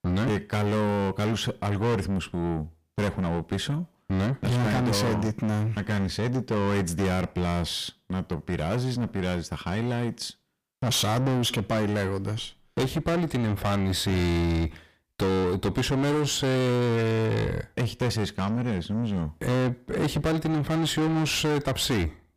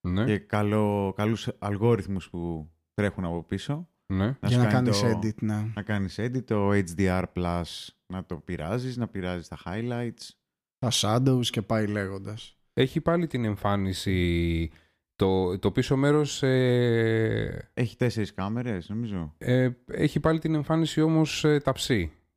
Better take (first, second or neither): second